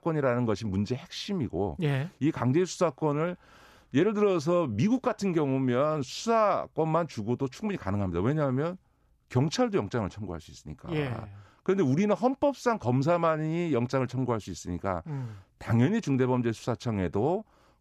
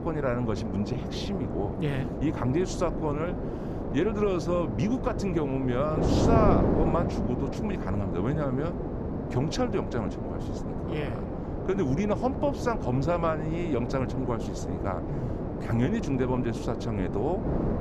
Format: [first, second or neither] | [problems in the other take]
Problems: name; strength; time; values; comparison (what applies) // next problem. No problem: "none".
first | wind noise on the microphone; heavy; 4 dB below the speech